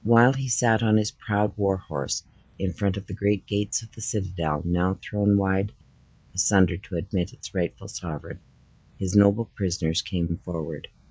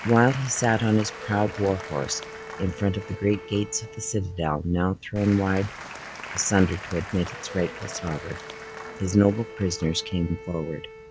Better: first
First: none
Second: background sound (Applause / Crowd + Bowed string instrument); 13 dB below the speech

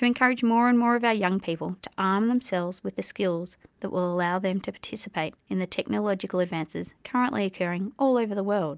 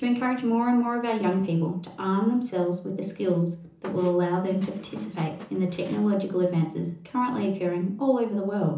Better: first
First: none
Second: background sound (Squeak); 18 dB below the speech // room echo; dies away in 0.7 s

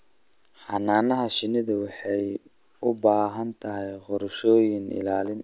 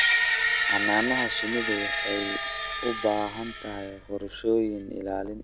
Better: first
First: none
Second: background sound (Screech); 1 dB above the speech

